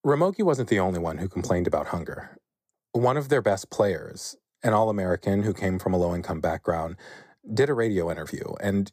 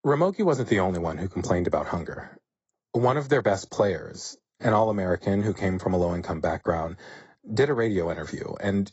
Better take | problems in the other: first | garbled, watery; badly; nothing above 7.5 kHz

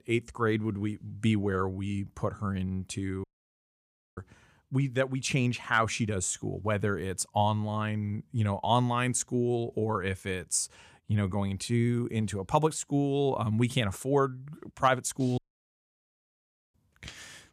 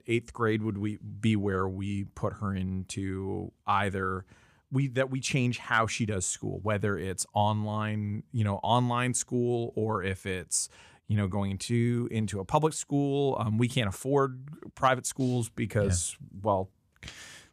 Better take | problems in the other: second | audio cutting out; at 3 s for 1 s and at 15 s for 1.5 s

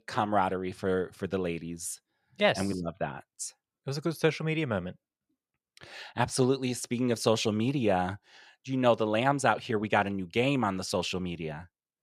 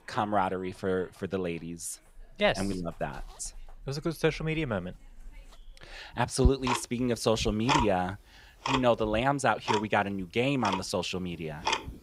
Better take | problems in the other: first | household noises; loud; throughout; 3 dB below the speech

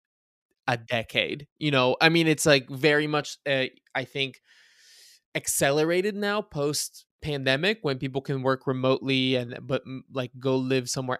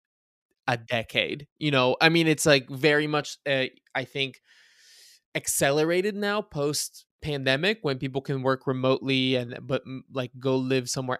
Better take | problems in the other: neither | none

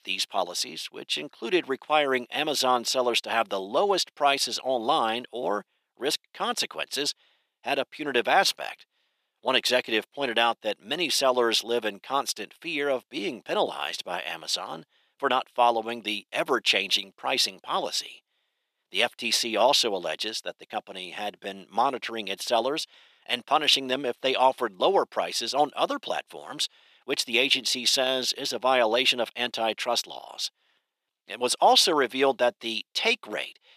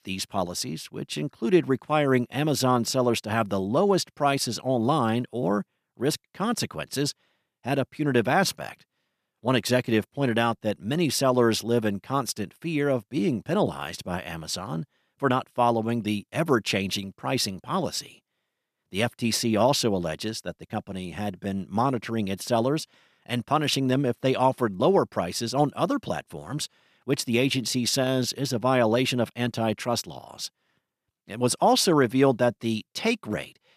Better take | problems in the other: second | thin; somewhat; fading below 450 Hz

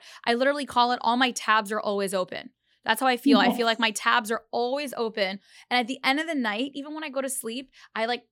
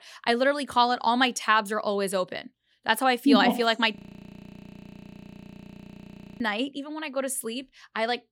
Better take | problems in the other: first | audio freezing; at 4 s for 2.5 s

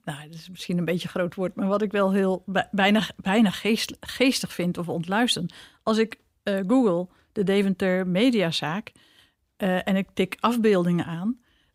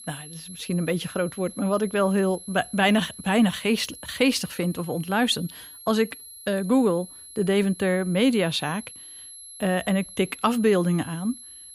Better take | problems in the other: first | high-pitched whine; noticeable; throughout; 11 kHz, 15 dB below the speech

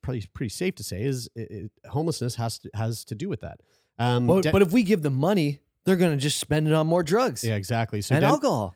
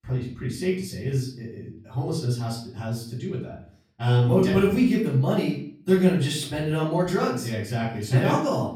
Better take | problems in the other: first | off-mic speech; far // room echo; noticeable; dies away in 0.5 s

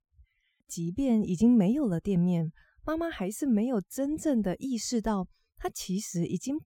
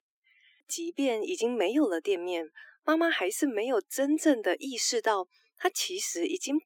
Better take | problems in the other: first | thin; somewhat; fading below 300 Hz

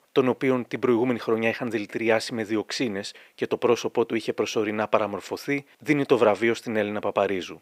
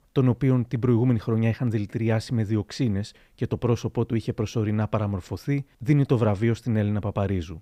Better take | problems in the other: second | thin; somewhat; fading below 450 Hz

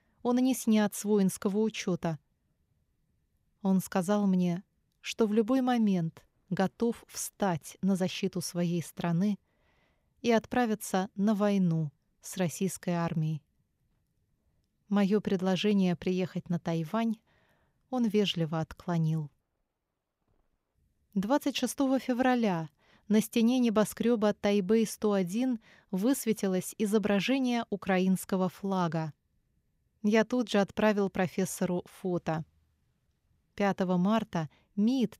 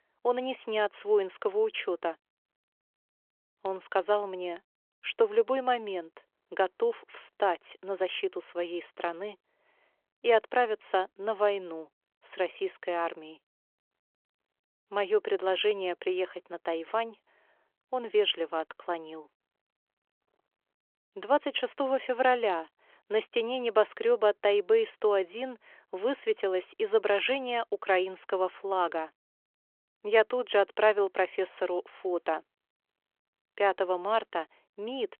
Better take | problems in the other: first | phone-call audio

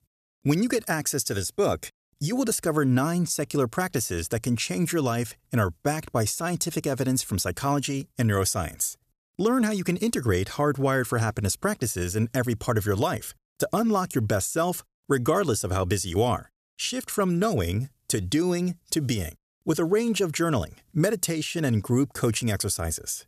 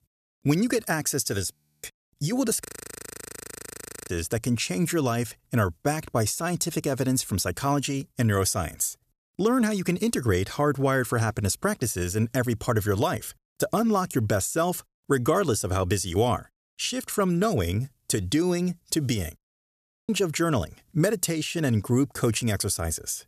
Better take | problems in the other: first | audio freezing; at 1.5 s, at 2.5 s for 1.5 s and at 19 s for 0.5 s

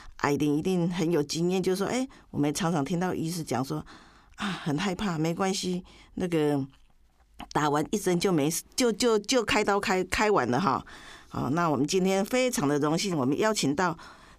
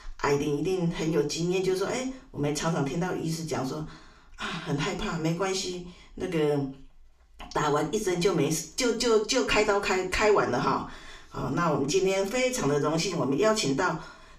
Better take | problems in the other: first | room echo; slight; dies away in 0.4 s // off-mic speech; somewhat distant

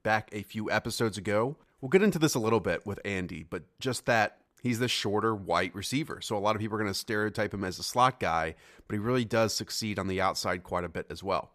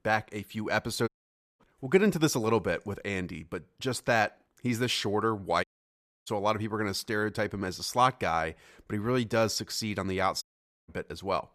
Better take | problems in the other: first | audio cutting out; at 1 s for 0.5 s, at 5.5 s for 0.5 s and at 10 s

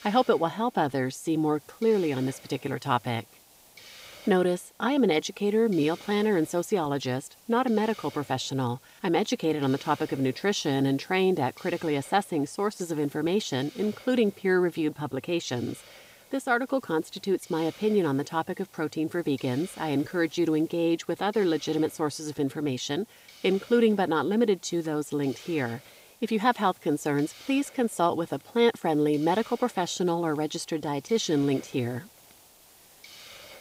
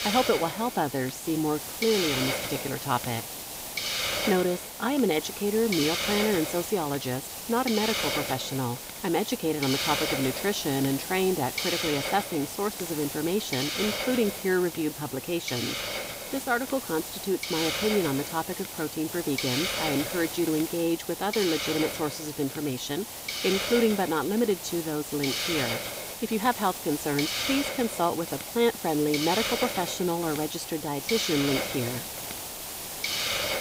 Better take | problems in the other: first | hiss; loud; throughout; 3 dB below the speech; faint in the first

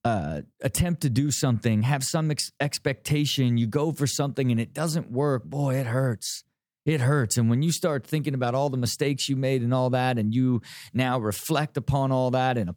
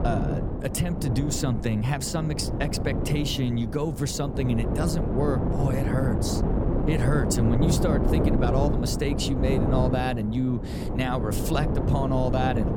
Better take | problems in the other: first | wind noise on the microphone; heavy; 3 dB below the speech

